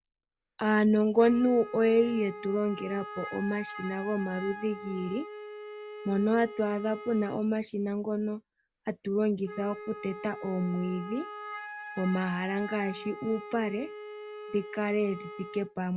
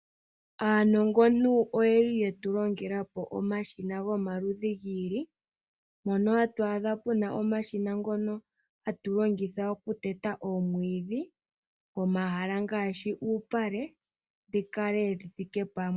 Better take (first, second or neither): second